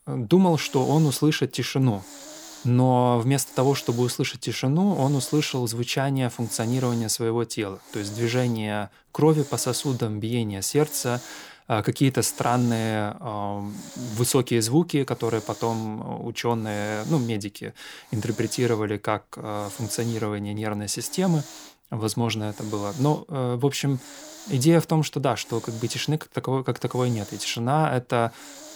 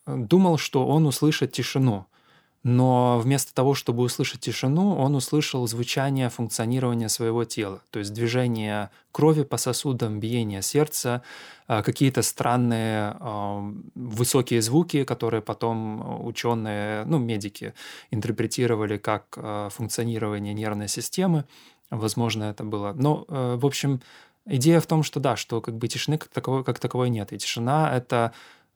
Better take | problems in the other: second | hiss; noticeable; throughout; 15 dB below the speech

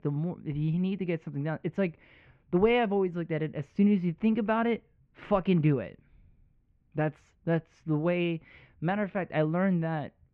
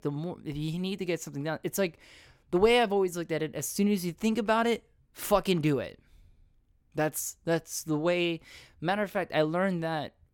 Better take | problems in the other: second | muffled; very; fading above 2.5 kHz

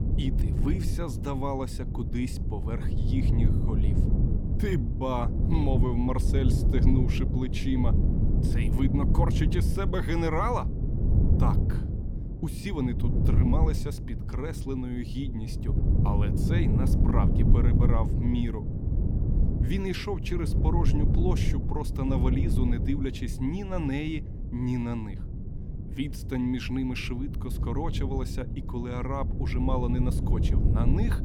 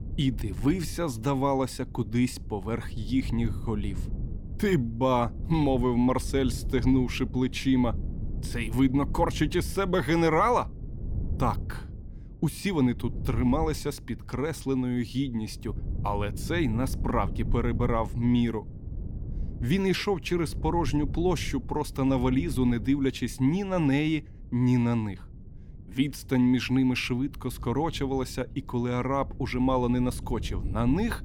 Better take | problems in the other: second | wind noise on the microphone; heavy; 5 dB below the speech; occasional gusts in the second

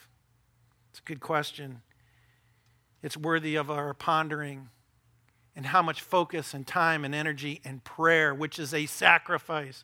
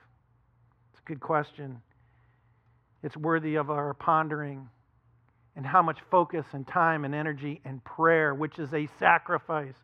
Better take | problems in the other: first | muffled; very; fading above 4 kHz

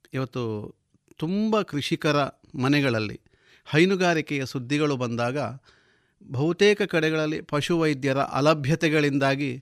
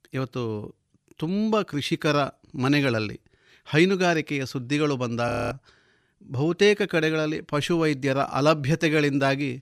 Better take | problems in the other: first | audio freezing; at 5.5 s

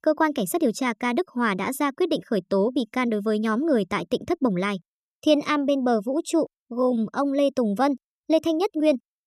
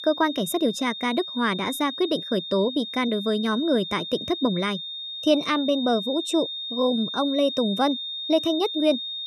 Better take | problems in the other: first | high-pitched whine; loud; throughout; 3.5 kHz, 6 dB below the speech

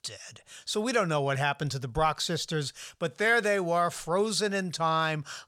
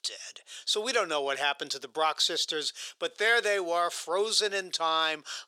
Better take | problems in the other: first | thin; very; fading below 350 Hz

